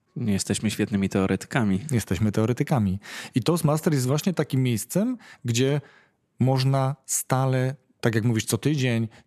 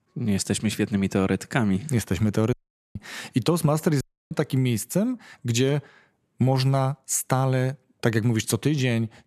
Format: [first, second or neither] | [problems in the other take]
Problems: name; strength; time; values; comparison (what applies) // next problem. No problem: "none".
first | audio cutting out; at 2.5 s and at 4 s